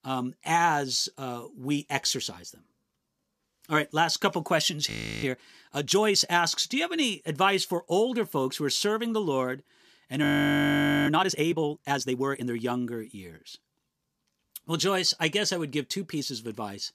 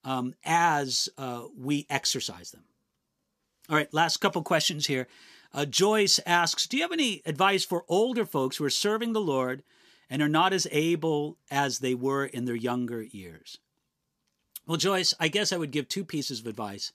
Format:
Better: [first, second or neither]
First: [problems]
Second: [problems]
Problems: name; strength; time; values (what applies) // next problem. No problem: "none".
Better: second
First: audio freezing; at 5 s and at 10 s for 1 s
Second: none